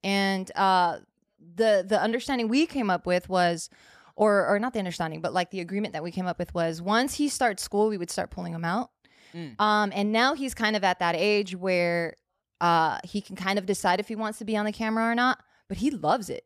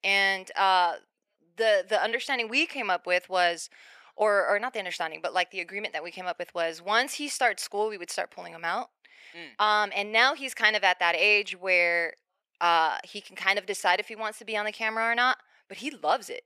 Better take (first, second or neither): first